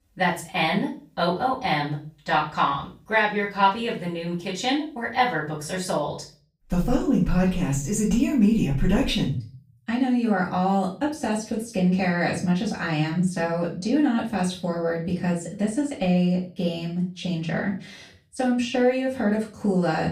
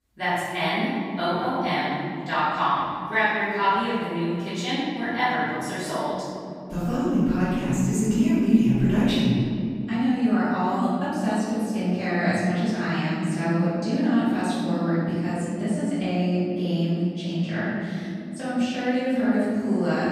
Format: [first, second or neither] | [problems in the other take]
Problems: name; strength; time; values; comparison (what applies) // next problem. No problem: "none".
first | room echo; strong; dies away in 2.9 s; slight in the first // off-mic speech; far; far in the first